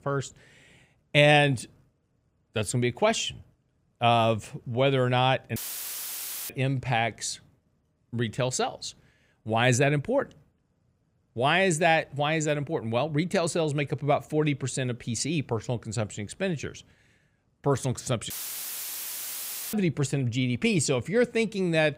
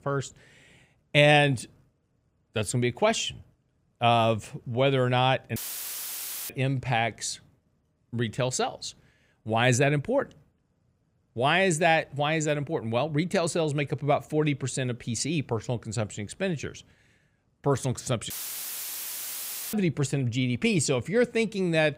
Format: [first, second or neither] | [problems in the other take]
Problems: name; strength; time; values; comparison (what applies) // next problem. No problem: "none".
neither | audio cutting out; filled with static; at 5.5 s for 1 s and at 18 s for 1.5 s; the same in both